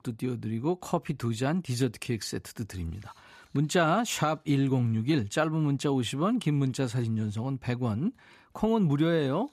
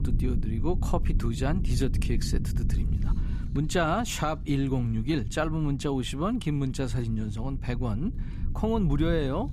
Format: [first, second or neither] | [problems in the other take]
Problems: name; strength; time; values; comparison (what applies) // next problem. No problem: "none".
first | low rumble; noticeable; throughout; 15 dB below the speech